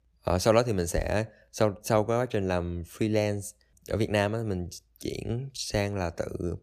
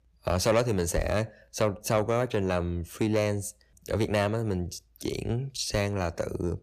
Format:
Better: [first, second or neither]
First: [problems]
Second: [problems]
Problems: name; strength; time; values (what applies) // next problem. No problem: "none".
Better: first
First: none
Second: distortion; slight; 10 dB below the speech